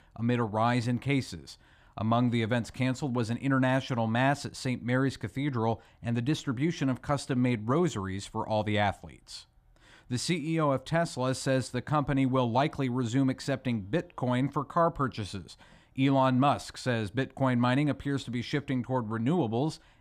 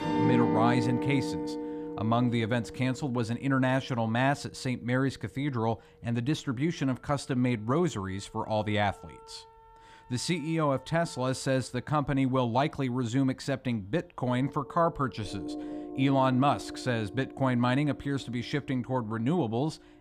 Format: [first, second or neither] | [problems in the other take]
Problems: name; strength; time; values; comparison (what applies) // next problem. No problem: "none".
first | background music; loud; throughout; 6 dB below the speech